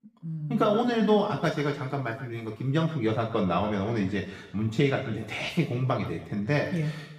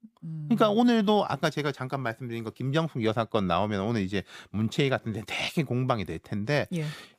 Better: second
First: room echo; noticeable; dies away in 0.9 s // off-mic speech; far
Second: none

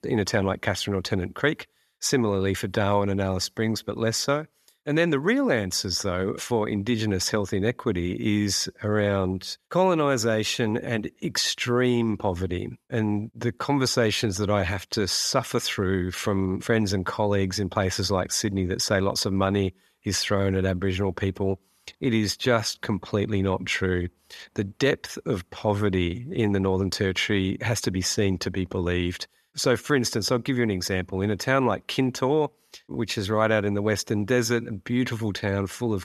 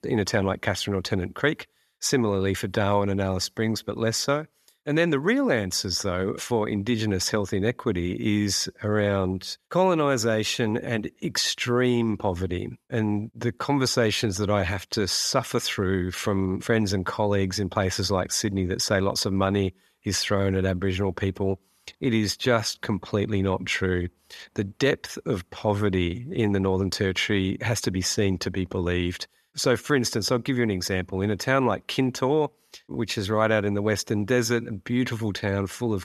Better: neither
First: none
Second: none

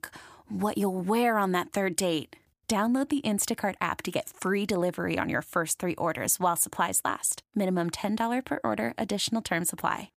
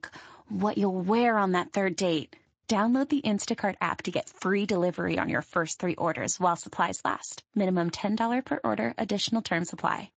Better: first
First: none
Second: garbled, watery; slightly; nothing above 7.5 kHz

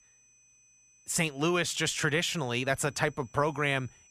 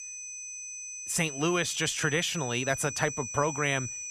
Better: first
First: high-pitched whine; faint; throughout; 6 kHz, 30 dB below the speech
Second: high-pitched whine; loud; throughout; 6 kHz, 7 dB below the speech

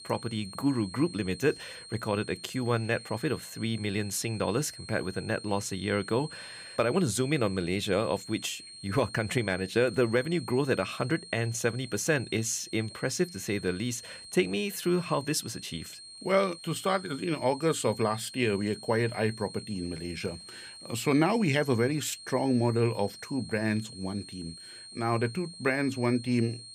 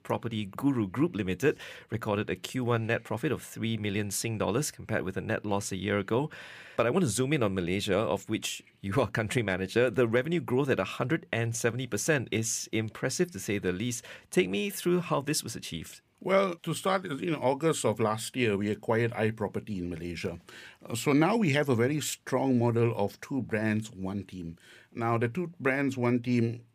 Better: second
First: high-pitched whine; noticeable; throughout; 4 kHz, 15 dB below the speech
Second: none

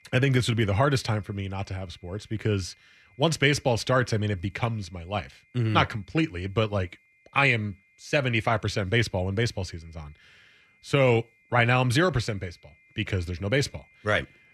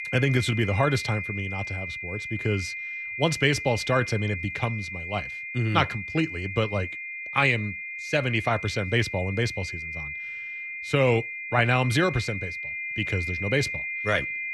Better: first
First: high-pitched whine; faint; throughout; 2 kHz, 35 dB below the speech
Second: high-pitched whine; loud; throughout; 2 kHz, 6 dB below the speech

